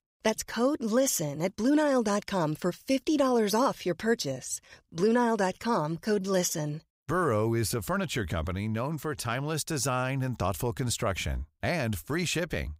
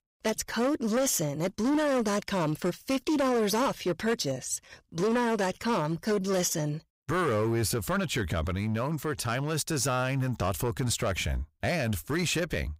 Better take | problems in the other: first | distortion; slight; 12% of the sound clipped

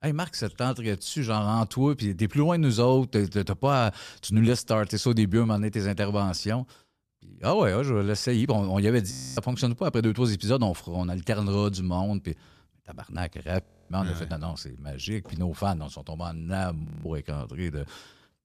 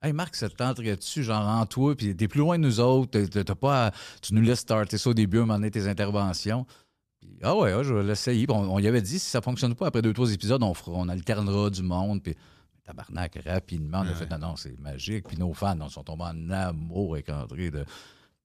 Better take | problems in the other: second | audio freezing; at 9 s, at 14 s and at 17 s

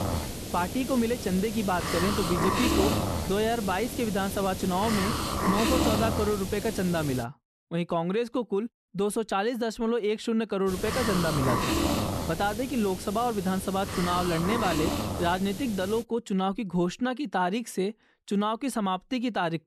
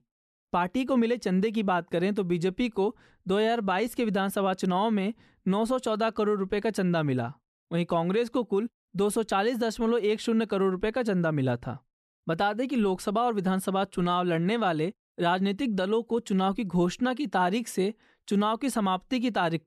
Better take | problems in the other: second | hiss; loud; until 7 s and from 11 to 16 s; 2 dB below the speech

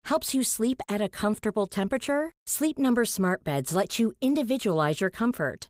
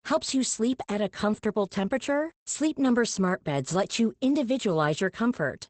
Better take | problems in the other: first | garbled, watery; badly; nothing above 8 kHz; slightly in the first

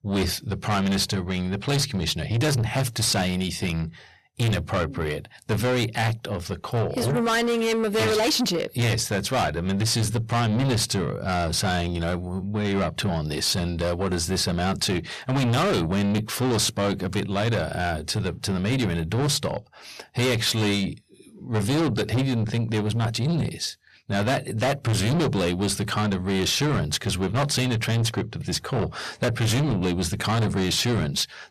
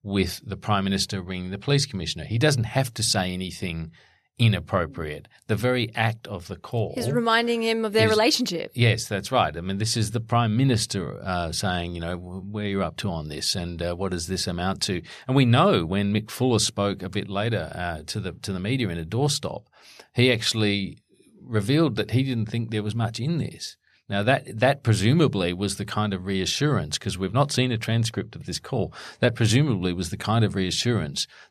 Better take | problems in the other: second | distortion; heavy; 6 dB below the speech

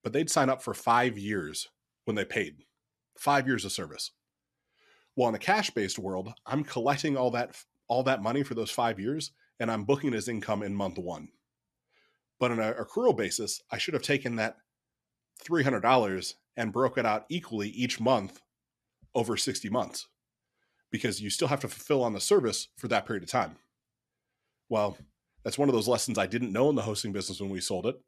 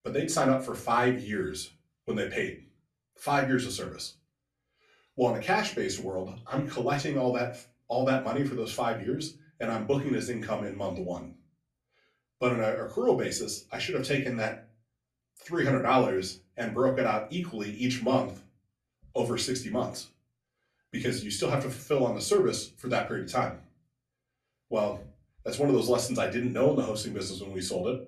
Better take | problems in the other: first | off-mic speech; far // room echo; very slight; dies away in 0.3 s

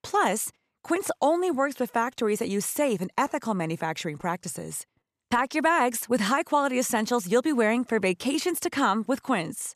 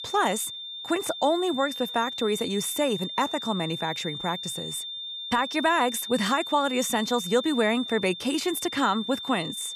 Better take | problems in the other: first | high-pitched whine; loud; throughout; 3.5 kHz, 7 dB below the speech

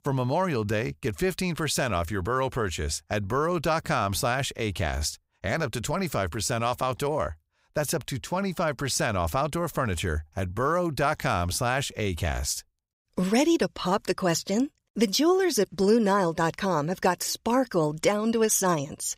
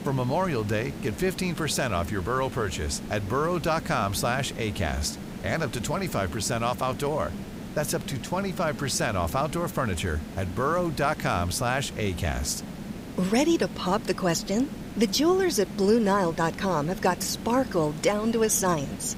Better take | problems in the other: first | hiss; noticeable; throughout; 10 dB below the speech

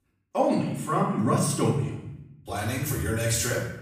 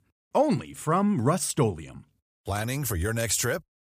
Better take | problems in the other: second | room echo; noticeable; dies away in 0.8 s // off-mic speech; far

